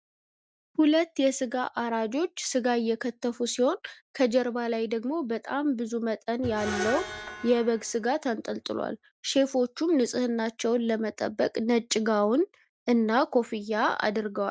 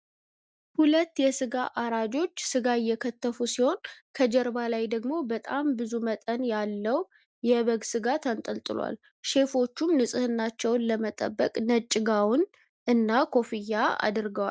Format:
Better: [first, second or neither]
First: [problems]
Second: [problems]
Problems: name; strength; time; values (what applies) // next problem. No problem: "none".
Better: second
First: background sound (Screech); 10 dB below the speech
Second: none